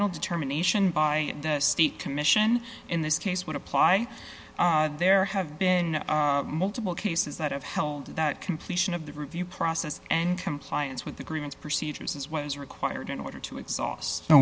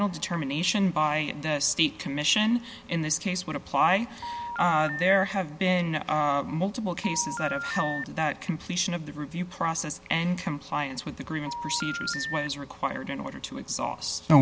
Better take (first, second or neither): first